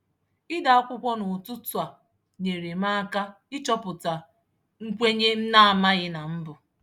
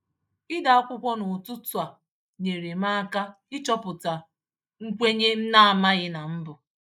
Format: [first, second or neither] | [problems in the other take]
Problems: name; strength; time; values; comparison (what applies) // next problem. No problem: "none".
first | noise reduction (neural mask model Resemble Enhance denoiser)